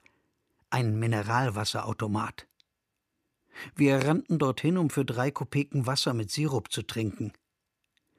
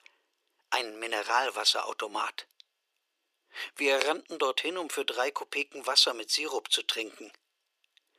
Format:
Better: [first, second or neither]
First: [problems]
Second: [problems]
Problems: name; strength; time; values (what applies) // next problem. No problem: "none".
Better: first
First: none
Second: thin; very; fading below 400 Hz